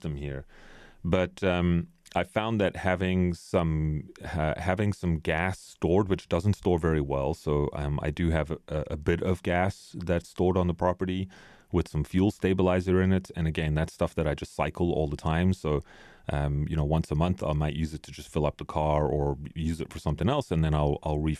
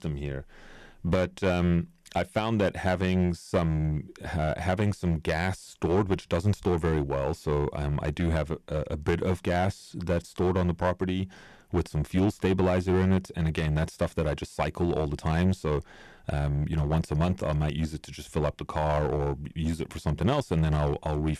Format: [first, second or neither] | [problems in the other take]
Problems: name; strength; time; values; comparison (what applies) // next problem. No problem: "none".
first | distortion; slight; 5% of the sound clipped